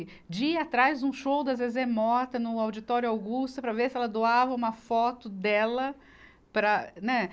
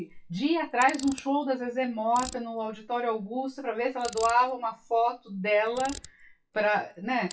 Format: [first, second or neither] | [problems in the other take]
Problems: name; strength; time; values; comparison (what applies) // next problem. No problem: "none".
first | noise reduction (classical method WPE with log-MMSE)